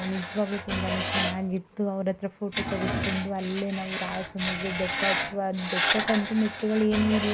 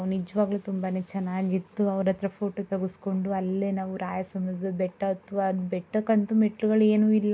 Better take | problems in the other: second | background sound (Screech); 3 dB below the speech

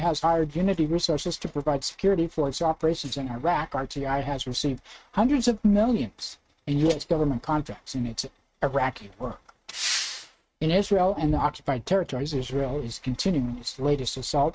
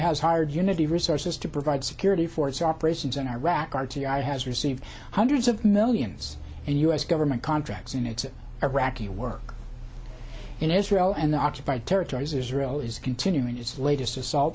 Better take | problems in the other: second | noise reduction (neural mask model RNNoise)

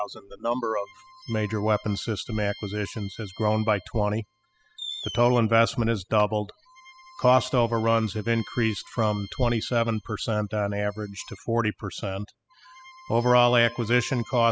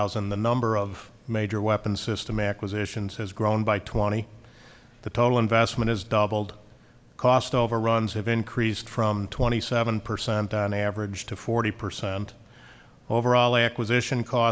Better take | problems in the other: second | noise reduction (classical method spectral subtraction)

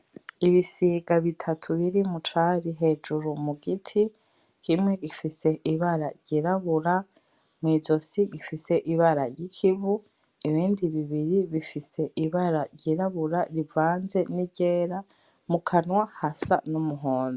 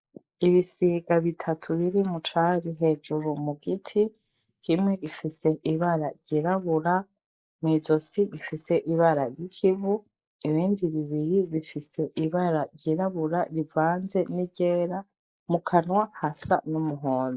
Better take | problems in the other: first | noise reduction (neural mask model Resemble Enhance denoiser)

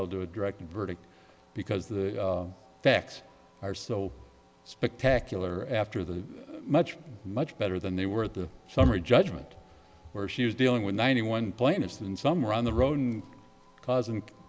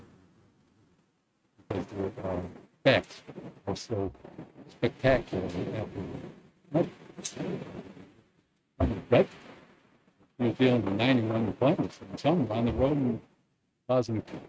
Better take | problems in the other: first | noise reduction (neural mask model RNNoise)

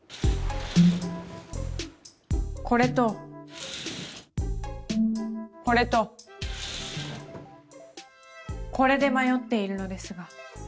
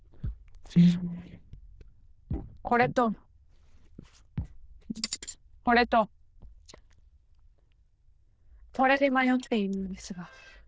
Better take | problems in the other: first | noise reduction (neural diffusion model UNIVERSE++)

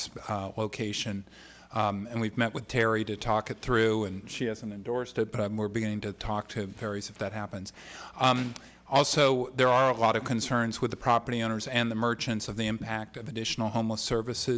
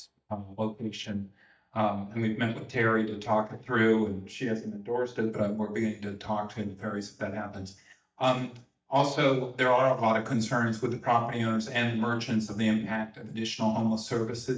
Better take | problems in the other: first | noise reduction (neural mask model DeepFilterNet 3)

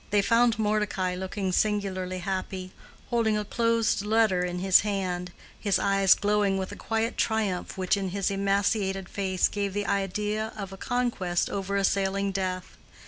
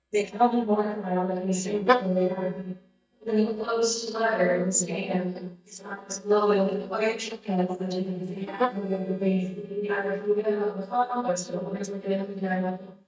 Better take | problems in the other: first | noise reduction (neural mask model DeepFilterNet 3)

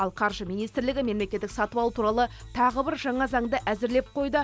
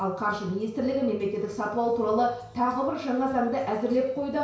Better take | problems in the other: first | room echo; dies away in 0.6 s

